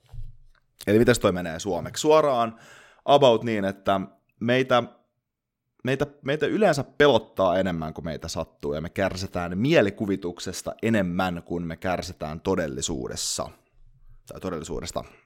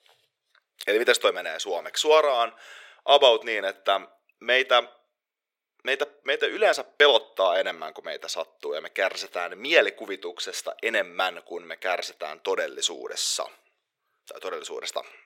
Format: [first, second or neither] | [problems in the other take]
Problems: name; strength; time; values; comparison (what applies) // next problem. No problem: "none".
first | thin; very; fading below 450 Hz